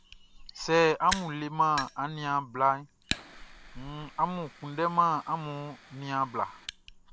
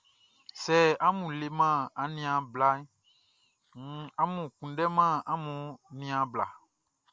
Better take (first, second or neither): second